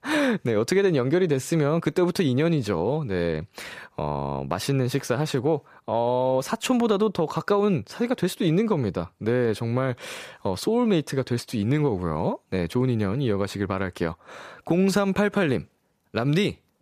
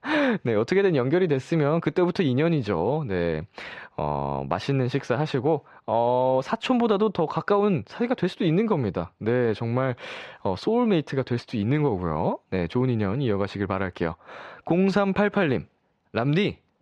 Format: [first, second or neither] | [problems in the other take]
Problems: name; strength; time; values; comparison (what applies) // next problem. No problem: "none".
first | muffled; slightly; fading above 3 kHz